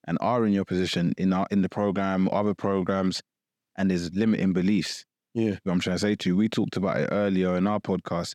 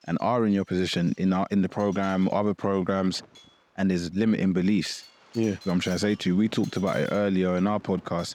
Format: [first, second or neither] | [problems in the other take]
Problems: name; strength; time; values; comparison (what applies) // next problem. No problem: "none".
first | wind noise on the microphone; occasional gusts; 20 dB below the speech